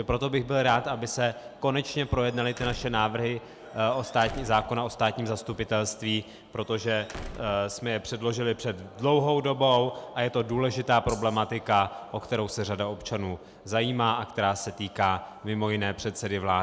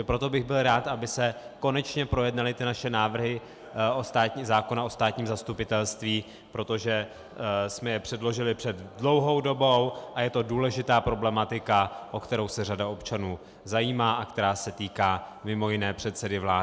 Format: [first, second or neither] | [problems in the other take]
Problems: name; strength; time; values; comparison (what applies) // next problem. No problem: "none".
second | background sound (Rattle (instrument) + Squeak / Slam / Wood); 15 dB below the speech